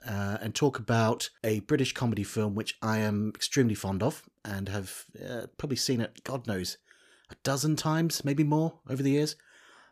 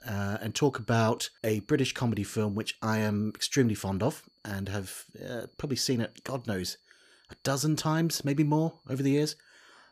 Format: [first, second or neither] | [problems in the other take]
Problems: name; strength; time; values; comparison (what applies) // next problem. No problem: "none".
first | high-pitched whine; faint; throughout; 4.5 kHz, 35 dB below the speech